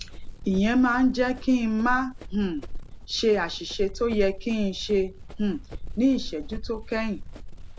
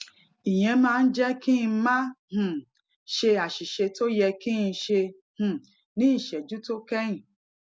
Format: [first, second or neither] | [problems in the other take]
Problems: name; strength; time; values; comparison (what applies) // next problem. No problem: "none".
second | background sound (Run); 9 dB below the speech